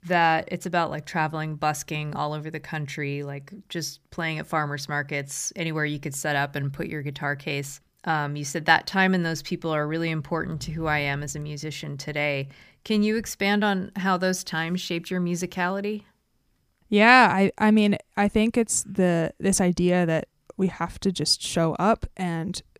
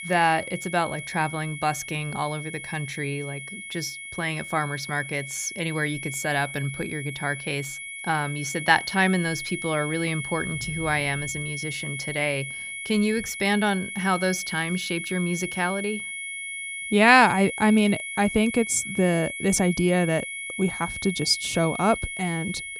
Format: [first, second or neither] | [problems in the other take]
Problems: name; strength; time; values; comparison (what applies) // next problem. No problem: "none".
first | high-pitched whine; loud; throughout; 2 kHz, 7 dB below the speech